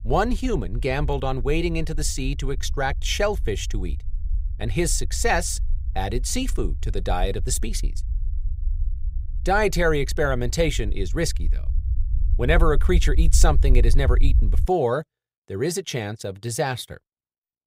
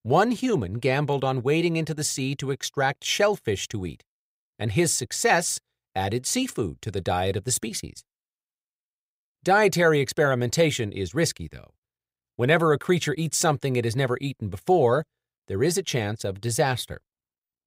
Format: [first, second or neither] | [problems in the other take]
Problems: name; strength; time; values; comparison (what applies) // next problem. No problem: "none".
second | low rumble; faint; until 15 s; 25 dB below the speech